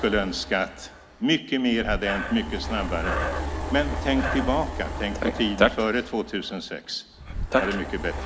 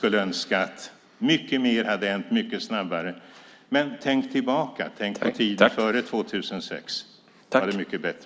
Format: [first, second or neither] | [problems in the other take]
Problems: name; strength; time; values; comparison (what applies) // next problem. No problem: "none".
second | background sound (Breathing); 5 dB below the speech